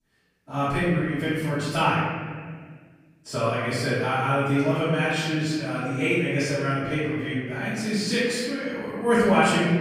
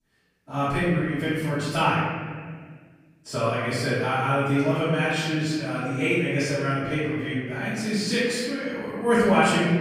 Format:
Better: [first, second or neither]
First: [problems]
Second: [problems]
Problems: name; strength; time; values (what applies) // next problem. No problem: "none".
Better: neither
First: room echo; strong; dies away in 1.7 s // off-mic speech; far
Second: room echo; strong; dies away in 1.7 s // off-mic speech; far